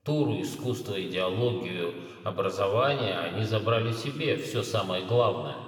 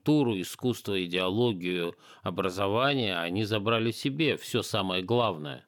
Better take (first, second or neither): second